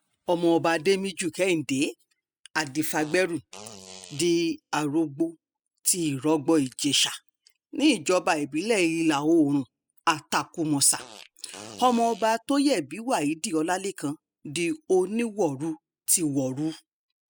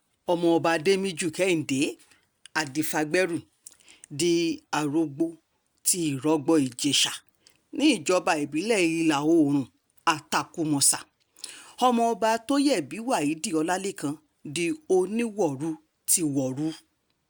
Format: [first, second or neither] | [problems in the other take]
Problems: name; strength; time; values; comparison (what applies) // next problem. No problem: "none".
second | noise reduction (classical method spectral subtraction)